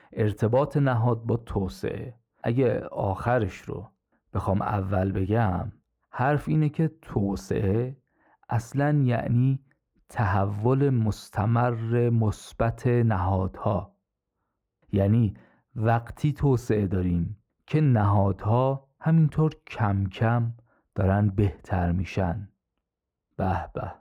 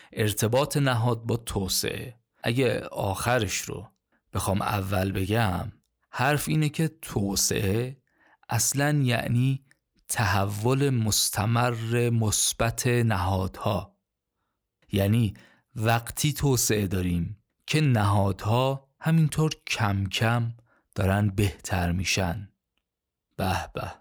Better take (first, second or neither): second